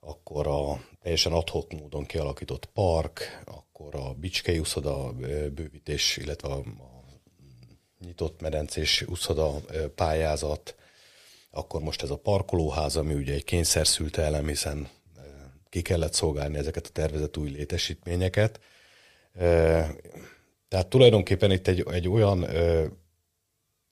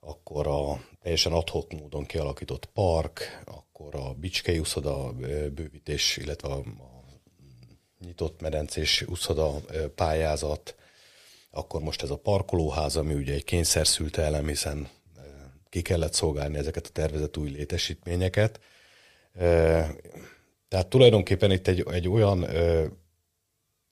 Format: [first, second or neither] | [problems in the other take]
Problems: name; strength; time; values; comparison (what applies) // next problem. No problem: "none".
neither | none